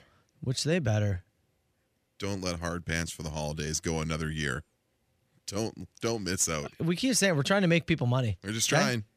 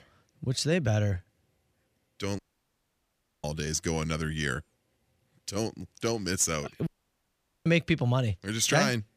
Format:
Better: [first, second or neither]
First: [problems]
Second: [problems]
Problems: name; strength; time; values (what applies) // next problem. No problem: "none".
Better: first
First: none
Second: audio cutting out; at 2.5 s for 1 s and at 7 s for 1 s